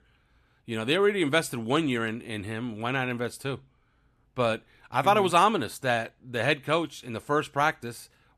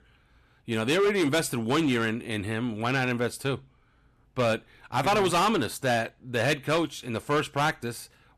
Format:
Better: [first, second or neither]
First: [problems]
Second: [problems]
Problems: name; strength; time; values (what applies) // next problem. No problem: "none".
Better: first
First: none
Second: distortion; heavy; 9% of the sound clipped